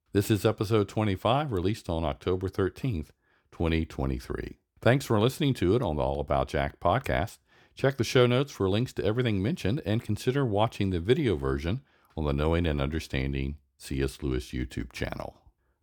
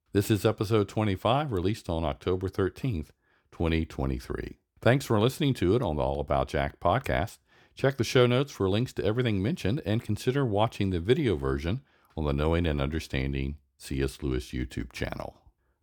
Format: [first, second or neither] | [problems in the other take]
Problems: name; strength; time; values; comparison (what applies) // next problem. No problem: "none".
neither | none